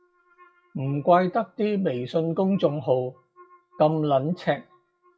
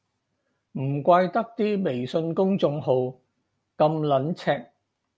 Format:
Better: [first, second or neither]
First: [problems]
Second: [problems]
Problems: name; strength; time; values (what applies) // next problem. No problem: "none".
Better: second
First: noise reduction (classical method WPE with log-MMSE)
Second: none